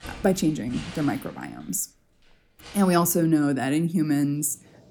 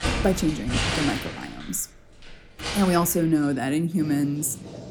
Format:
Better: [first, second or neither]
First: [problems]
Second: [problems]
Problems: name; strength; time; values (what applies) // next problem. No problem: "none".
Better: first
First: household noises; faint; throughout; 20 dB below the speech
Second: household noises; loud; throughout; 6 dB below the speech